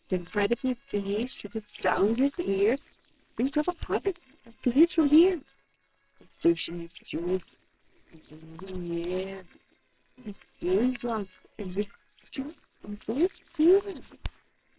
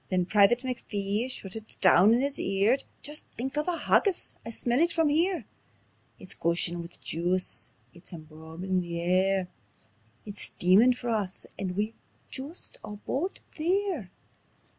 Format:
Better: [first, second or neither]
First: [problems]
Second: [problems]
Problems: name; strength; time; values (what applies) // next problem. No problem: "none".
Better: second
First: noise reduction (neural separator model SepFormer WHAMR!)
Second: none